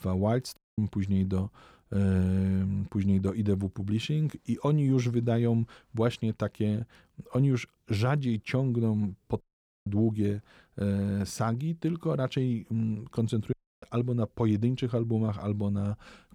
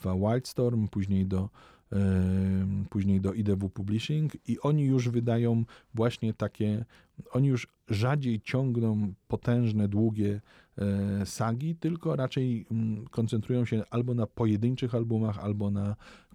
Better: second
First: audio cutting out; at 0.5 s, at 9.5 s and at 14 s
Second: none

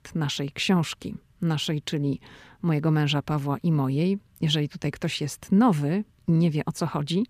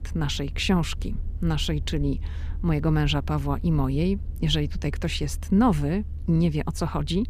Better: first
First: none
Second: low rumble; faint; throughout; 20 dB below the speech

